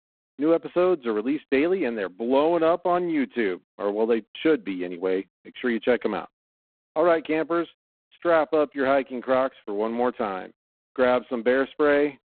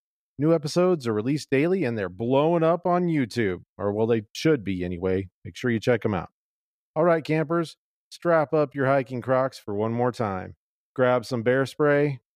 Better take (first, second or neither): second